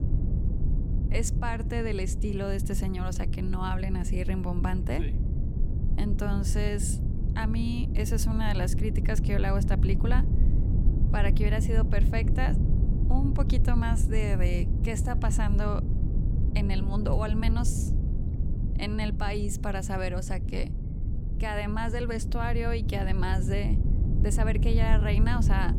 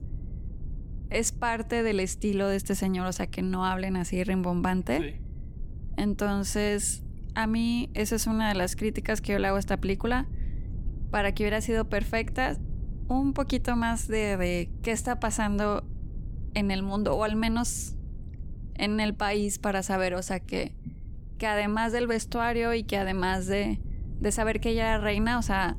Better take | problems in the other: second | low rumble; loud; throughout; 7 dB below the speech; faint in the second

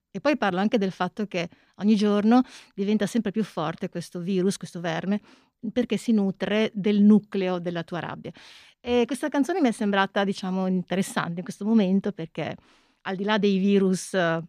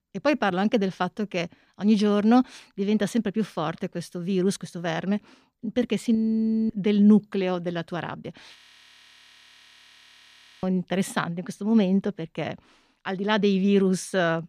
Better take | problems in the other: first | audio freezing; at 6 s for 0.5 s and at 8.5 s for 2 s

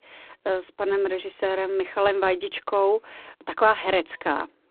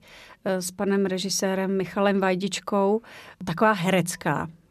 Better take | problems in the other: second | phone-call audio; poor line; nothing above 4 kHz

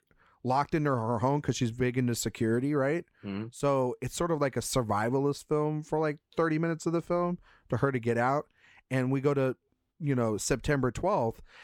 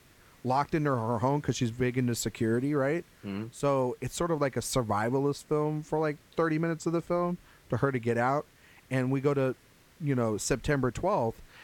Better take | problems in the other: first | hiss; faint; throughout; 30 dB below the speech

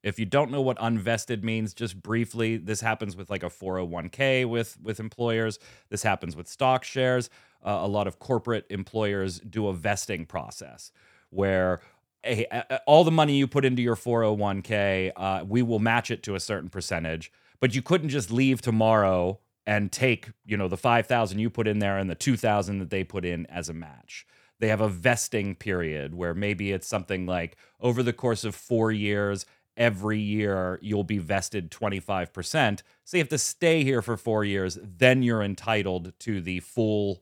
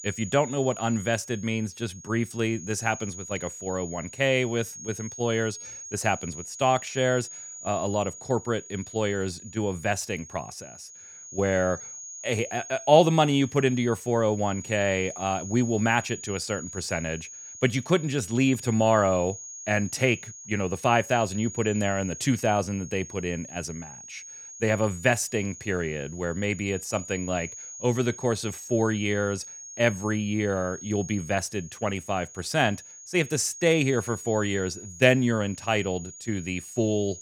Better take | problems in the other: first | high-pitched whine; noticeable; throughout; 7 kHz, 15 dB below the speech

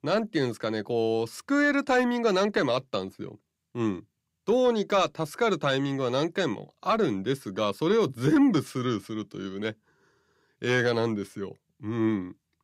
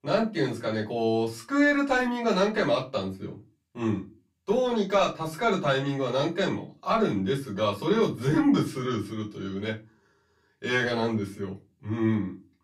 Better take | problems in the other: first | off-mic speech; far // room echo; very slight; dies away in 0.2 s

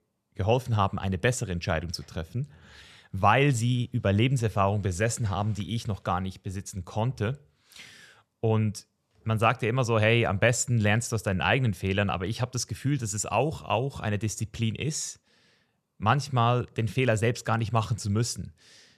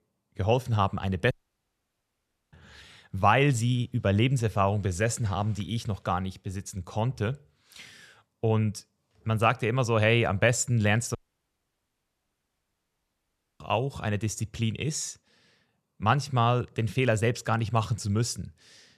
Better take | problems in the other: first | audio cutting out; at 1.5 s for 1 s and at 11 s for 2.5 s

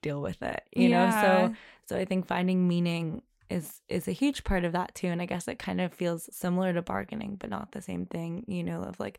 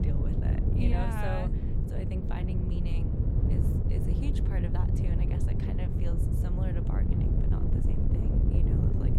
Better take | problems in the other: first | wind noise on the microphone; heavy; 2 dB above the speech

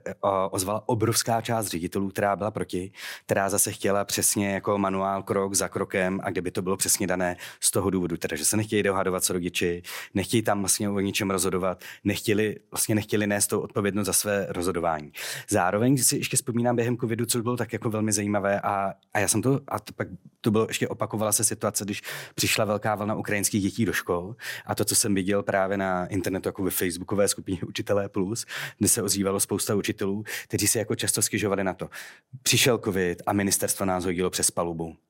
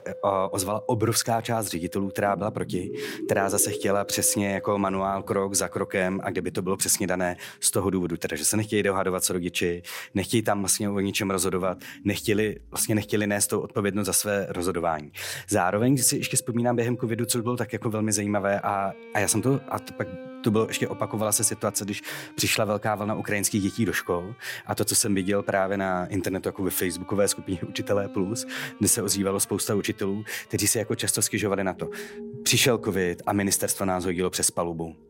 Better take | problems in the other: first | background music; noticeable; throughout; 15 dB below the speech

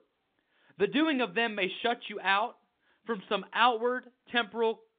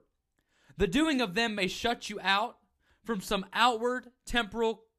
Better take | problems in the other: second | phone-call audio; nothing above 3.5 kHz

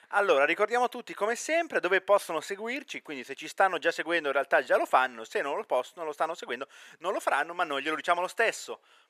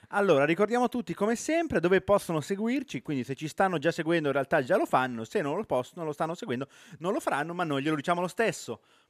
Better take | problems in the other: second | thin; very; fading below 550 Hz

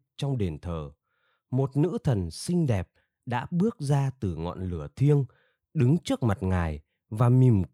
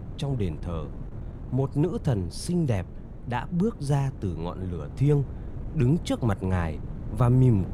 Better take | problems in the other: first | wind noise on the microphone; occasional gusts; 15 dB below the speech

